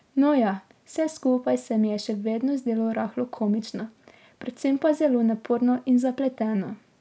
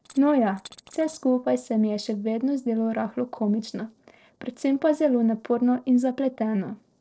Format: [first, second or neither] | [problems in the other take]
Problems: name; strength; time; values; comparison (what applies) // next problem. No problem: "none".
first | noise reduction (neural separator model SepFormer DNS4)